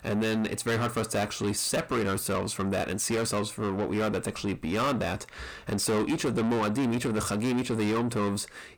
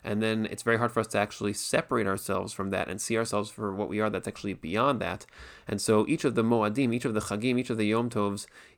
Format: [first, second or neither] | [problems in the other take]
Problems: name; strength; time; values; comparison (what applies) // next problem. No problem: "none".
second | distortion; heavy; 6 dB below the speech